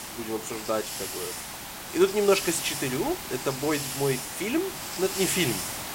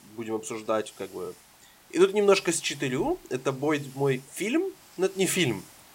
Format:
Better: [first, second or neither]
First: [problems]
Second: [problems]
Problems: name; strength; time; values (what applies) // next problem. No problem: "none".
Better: second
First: hiss; loud; throughout; 4 dB below the speech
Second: hiss; faint; throughout; 25 dB below the speech